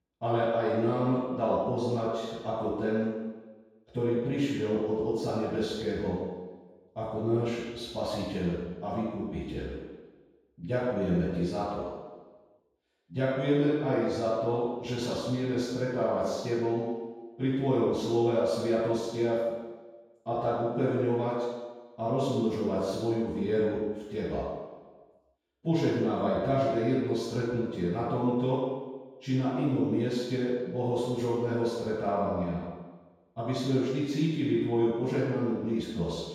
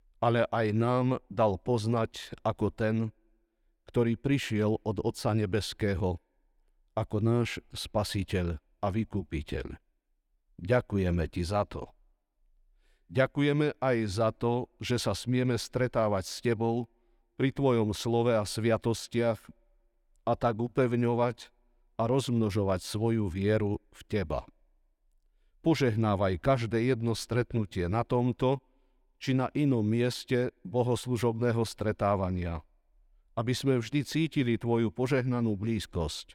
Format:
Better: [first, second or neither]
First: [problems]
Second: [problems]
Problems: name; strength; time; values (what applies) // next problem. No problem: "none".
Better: second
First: room echo; strong; dies away in 1.2 s // off-mic speech; far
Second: none